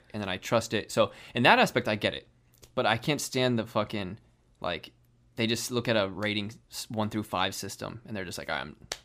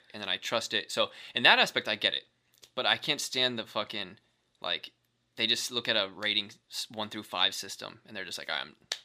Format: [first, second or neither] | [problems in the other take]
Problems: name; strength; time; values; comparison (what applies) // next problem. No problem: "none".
first | thin; very slightly; fading below 350 Hz